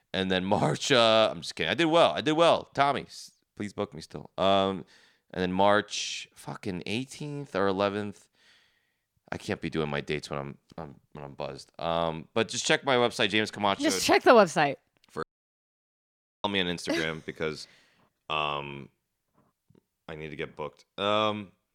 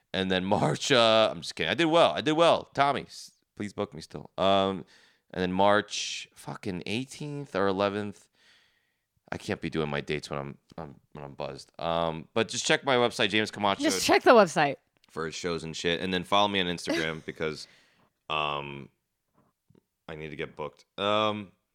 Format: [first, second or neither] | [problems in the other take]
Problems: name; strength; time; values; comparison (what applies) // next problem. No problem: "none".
second | audio cutting out; at 15 s for 1 s